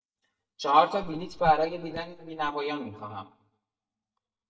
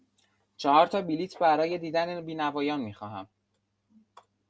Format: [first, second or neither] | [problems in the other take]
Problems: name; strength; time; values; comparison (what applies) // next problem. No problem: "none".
second | noise reduction (neural mask model DeepFilterNet 3)